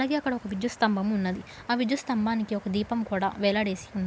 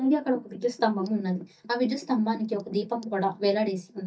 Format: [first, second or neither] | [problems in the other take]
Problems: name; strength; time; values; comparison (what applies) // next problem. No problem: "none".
first | noise reduction (neural mask model DeepFilterNet 3)